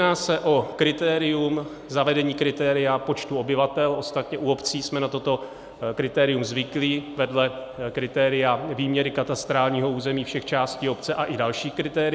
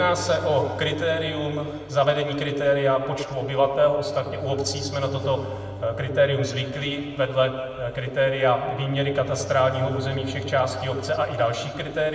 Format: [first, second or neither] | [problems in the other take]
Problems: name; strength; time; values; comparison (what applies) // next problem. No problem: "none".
first | background sound (Bowed string instrument); 14 dB below the speech // room echo; dies away in 1.7 s